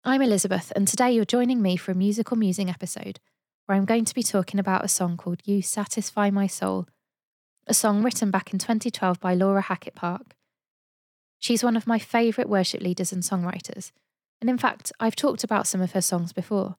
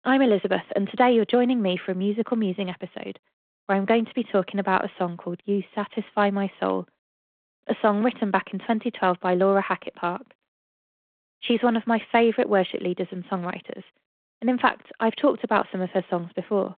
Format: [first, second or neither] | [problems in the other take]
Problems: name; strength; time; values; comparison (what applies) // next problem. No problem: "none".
first | phone-call audio